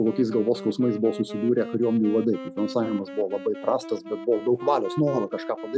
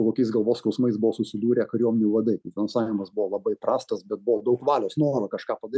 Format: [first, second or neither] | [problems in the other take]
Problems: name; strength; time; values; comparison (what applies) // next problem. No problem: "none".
second | background sound (Wind instrument, woodwind instrument); 12 dB below the speech